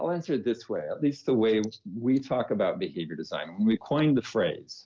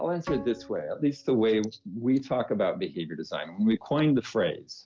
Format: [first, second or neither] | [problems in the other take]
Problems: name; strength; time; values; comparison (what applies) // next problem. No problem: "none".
first | background sound (Bowed string instrument); 18 dB below the speech